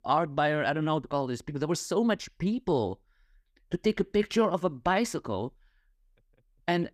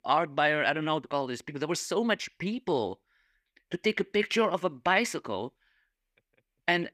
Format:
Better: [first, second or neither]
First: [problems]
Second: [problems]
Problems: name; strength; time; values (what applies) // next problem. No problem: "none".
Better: first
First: none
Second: thin; very slightly; fading below 300 Hz